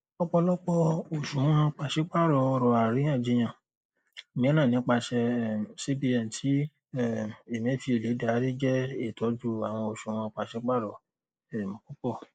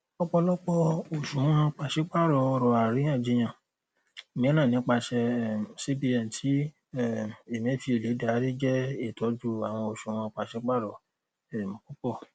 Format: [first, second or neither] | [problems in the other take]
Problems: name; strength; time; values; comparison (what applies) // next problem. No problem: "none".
second | noise reduction (neural mask model Resemble Enhance denoiser)